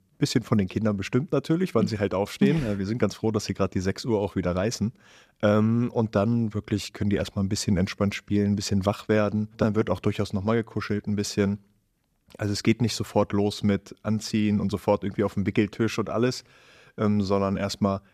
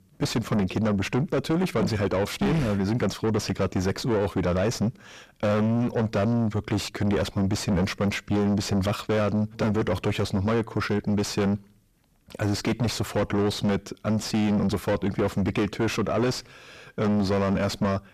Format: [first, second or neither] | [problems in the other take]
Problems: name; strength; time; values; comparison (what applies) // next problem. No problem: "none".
first | distortion; heavy; 6 dB below the speech